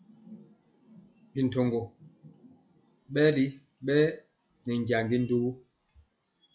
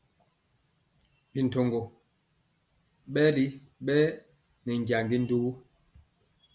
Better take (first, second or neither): second